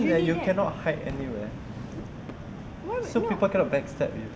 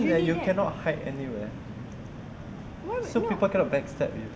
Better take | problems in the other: second | background sound (Whoosh, swoosh, swish / Fireworks); 19 dB below the speech

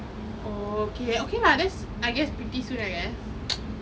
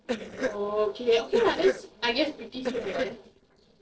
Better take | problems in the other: first | noise reduction (neural separator model SepFormer DNS4)

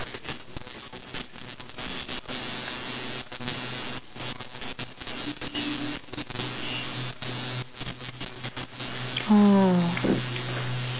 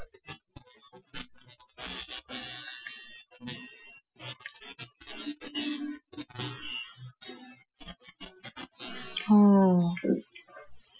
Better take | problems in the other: first | noise reduction (classical method Wiener filter)

